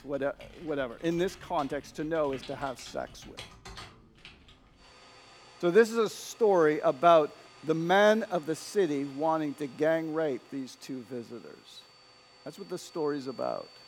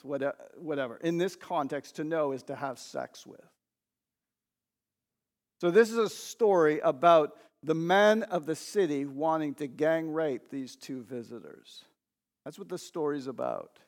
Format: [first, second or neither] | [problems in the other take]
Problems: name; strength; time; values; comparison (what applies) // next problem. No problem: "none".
second | household noises; faint; throughout; 25 dB below the speech